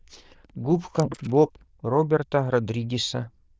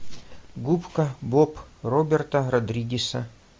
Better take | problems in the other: second | noise reduction (neural diffusion model UNIVERSE++)

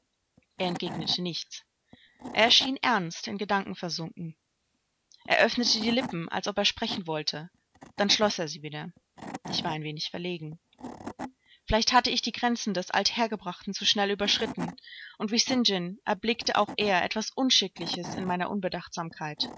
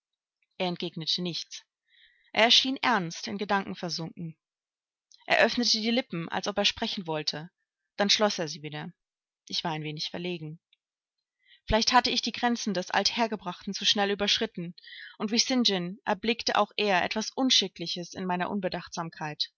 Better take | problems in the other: second | background sound (Wood / Tools); 15 dB below the speech

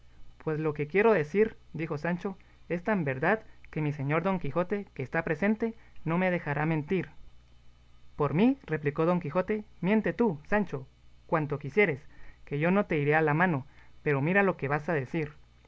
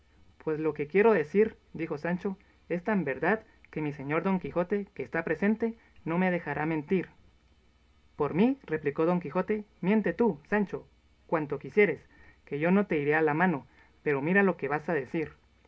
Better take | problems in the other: first | room echo; dies away in 0.3 s

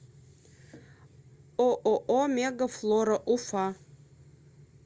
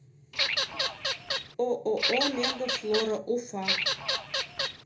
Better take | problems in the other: first | background sound (Bird vocalization, bird call, bird song / Fowl); 3 dB above the speech // room echo; dies away in 0.3 s

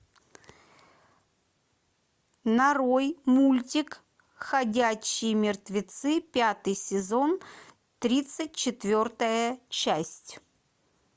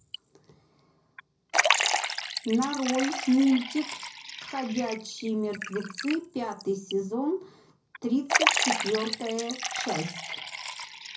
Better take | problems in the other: first | background sound (Liquid); 1 dB below the speech // room echo; dies away in 0.4 s

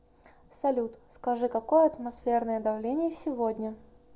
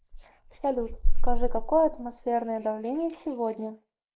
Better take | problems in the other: first | noise reduction (neural mask model Resemble Enhance denoiser)

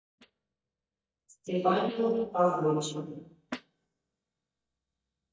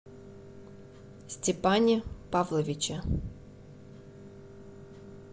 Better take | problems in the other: second | noise reduction (neural mask model DeepFilterNet 3)

